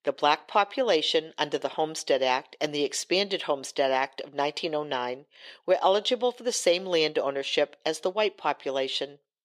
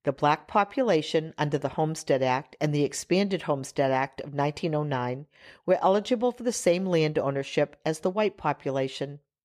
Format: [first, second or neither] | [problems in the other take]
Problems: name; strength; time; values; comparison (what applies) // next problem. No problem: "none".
second | thin; somewhat; fading below 400 Hz